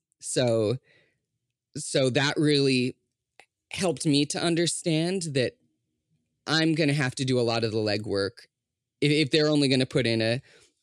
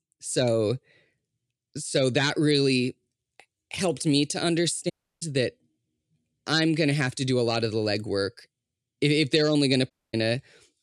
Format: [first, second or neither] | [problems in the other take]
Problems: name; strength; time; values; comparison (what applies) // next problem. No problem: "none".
first | audio cutting out; at 5 s and at 10 s